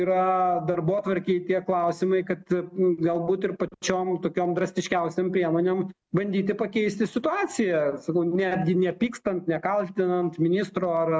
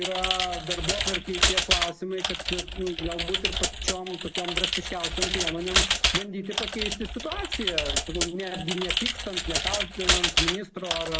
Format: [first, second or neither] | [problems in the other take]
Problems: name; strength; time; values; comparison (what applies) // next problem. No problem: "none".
first | background sound (Computer keyboard); 5 dB above the speech